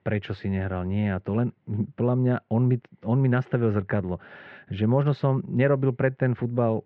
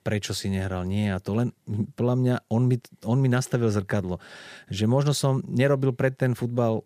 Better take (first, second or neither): second